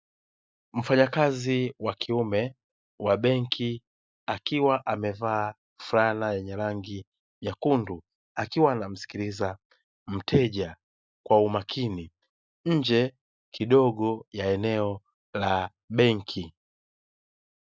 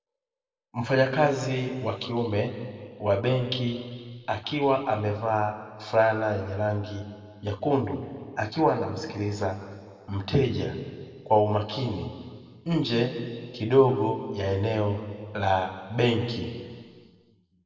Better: first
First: none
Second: room echo; dies away in 1.8 s

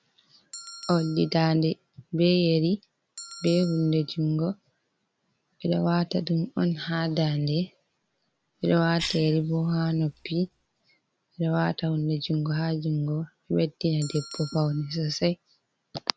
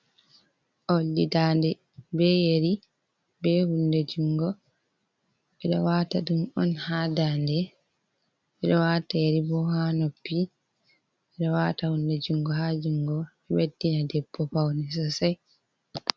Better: second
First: background sound (Bell + Cough); 18 dB below the speech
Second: none

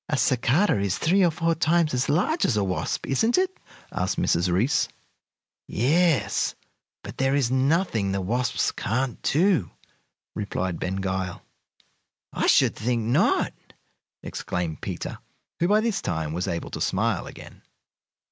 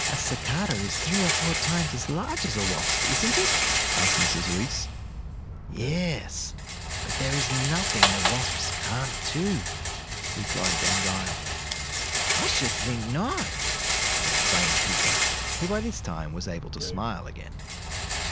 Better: first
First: none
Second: background sound (Rattle); 4 dB above the speech

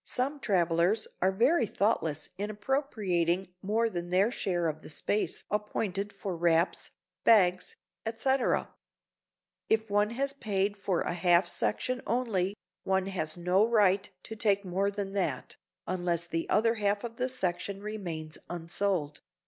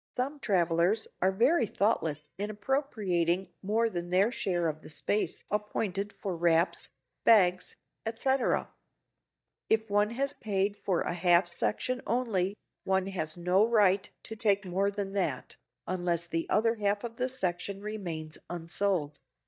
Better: first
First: none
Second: noise reduction (neural mask model DeepFilterNet 3)

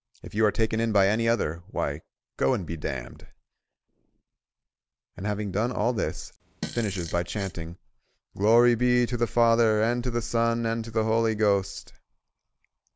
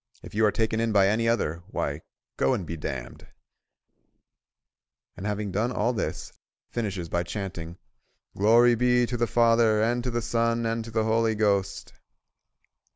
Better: second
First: background sound (Fart); 12 dB below the speech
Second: none

